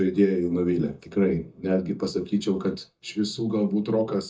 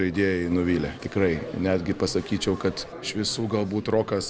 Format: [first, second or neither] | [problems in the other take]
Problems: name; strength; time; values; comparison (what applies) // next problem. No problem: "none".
second | noise reduction (neural mask model DeepFilterNet 3)